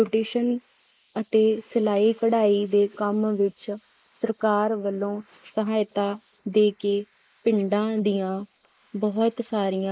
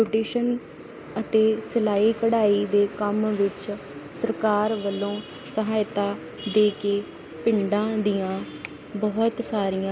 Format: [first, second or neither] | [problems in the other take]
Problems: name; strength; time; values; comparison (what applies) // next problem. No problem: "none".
second | noise reduction (neural mask model Resemble Enhance denoiser)